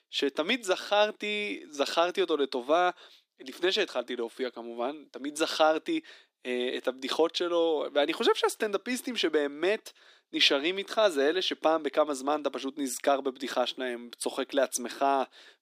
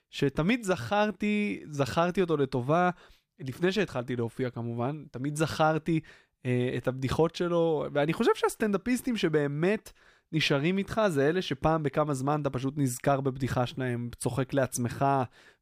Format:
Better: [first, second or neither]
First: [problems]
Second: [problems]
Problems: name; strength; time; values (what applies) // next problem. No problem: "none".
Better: second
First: thin; somewhat; fading below 250 Hz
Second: none